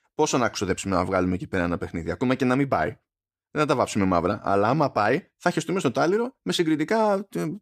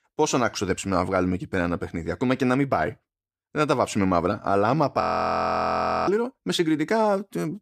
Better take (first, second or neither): first